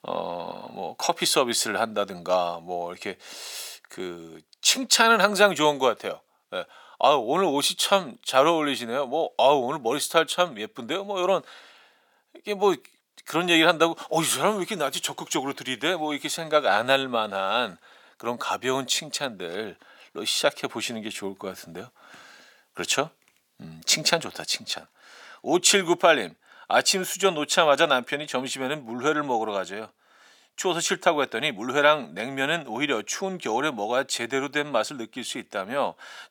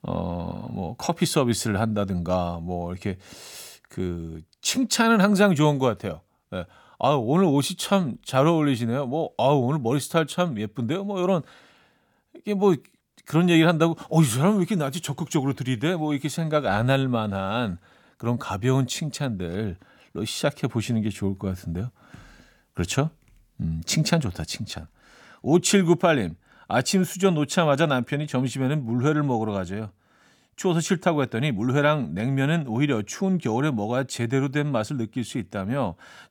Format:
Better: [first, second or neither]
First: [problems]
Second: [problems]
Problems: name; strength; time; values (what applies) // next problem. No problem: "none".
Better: second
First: thin; somewhat; fading below 500 Hz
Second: none